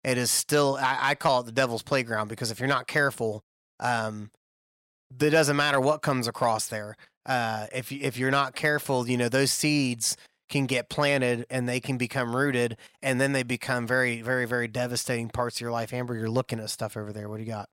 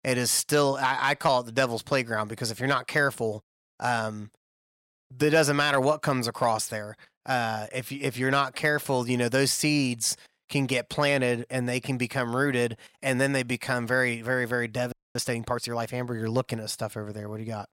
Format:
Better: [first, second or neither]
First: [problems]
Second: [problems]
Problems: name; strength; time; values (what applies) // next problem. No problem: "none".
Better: first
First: none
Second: audio freezing; at 15 s